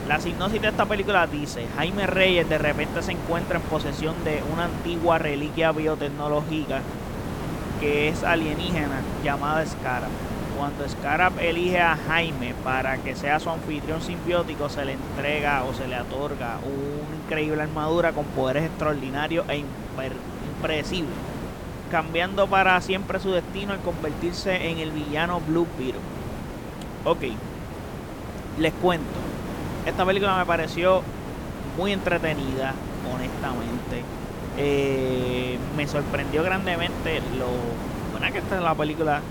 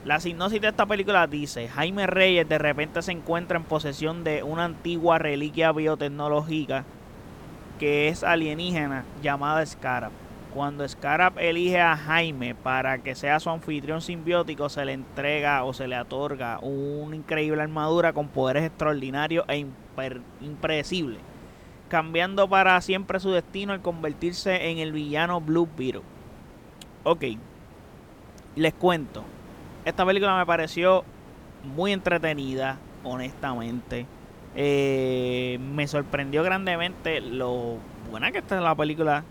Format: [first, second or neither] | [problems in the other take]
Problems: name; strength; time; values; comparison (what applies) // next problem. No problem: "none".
second | hiss; loud; throughout; 7 dB below the speech; faint in the second